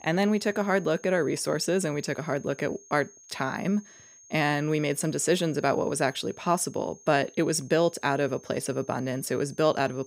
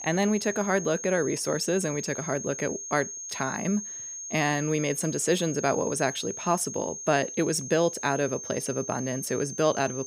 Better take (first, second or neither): first